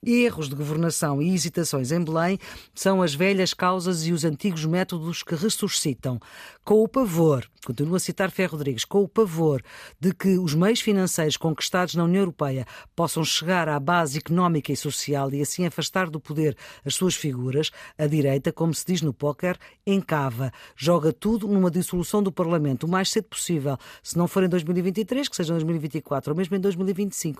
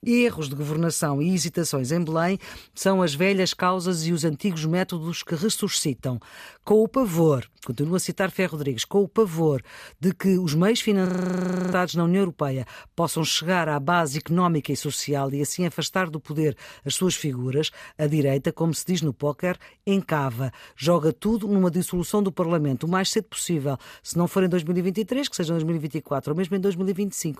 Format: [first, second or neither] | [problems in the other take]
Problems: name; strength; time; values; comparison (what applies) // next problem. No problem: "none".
first | audio freezing; at 11 s for 0.5 s